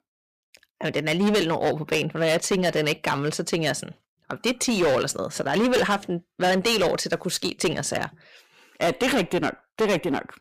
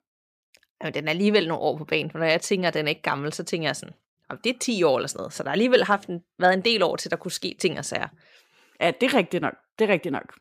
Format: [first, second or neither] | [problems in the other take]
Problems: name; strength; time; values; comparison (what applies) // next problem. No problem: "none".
second | distortion; heavy; 11% of the sound clipped